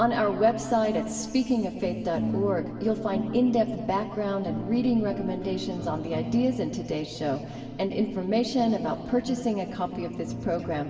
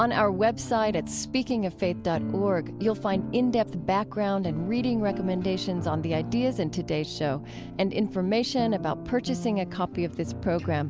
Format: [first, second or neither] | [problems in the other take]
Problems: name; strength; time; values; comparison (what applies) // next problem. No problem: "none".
second | room echo; dies away in 2.3 s